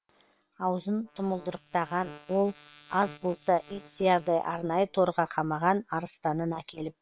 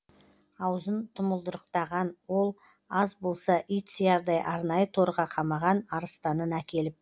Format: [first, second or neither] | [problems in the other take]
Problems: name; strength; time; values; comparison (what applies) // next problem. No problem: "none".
second | noise reduction (neural separator model SepFormer WHAM!)